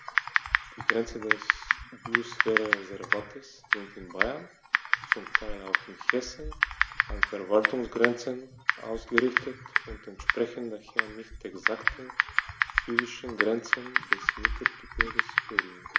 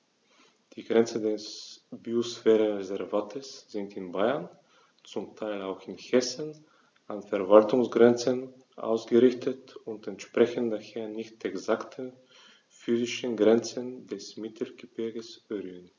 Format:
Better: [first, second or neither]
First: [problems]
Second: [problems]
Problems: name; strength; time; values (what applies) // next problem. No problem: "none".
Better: second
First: background sound (Typing); 5 dB above the speech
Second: none